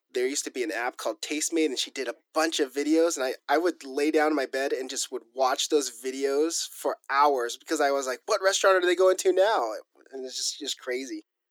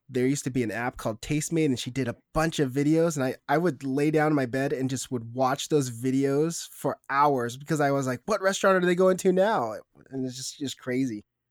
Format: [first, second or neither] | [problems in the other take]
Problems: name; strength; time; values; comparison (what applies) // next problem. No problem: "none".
second | thin; somewhat; fading below 300 Hz